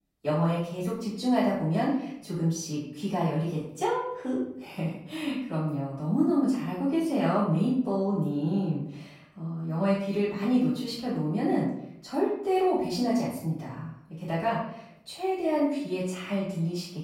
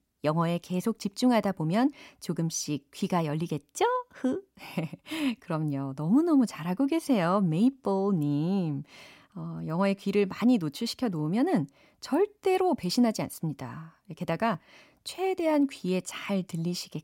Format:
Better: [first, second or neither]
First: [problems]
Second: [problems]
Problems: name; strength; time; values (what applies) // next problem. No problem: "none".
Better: second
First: off-mic speech; far // room echo; noticeable; dies away in 0.6 s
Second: none